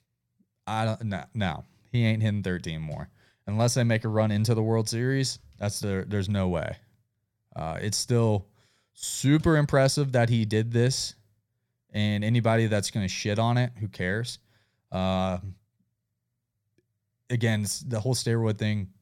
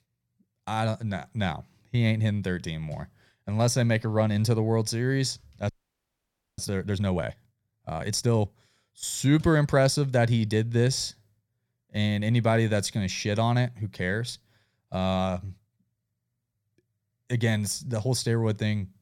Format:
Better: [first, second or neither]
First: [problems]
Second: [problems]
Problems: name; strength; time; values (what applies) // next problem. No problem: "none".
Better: first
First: none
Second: audio freezing; at 5.5 s for 1 s